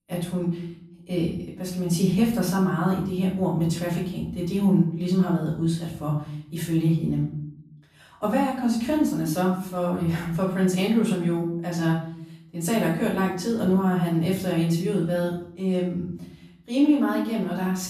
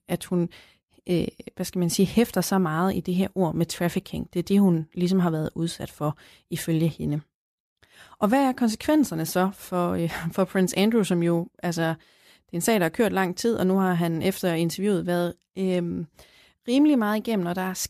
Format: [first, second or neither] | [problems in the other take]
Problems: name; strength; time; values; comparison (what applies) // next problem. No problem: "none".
second | off-mic speech; far // room echo; noticeable; dies away in 0.6 s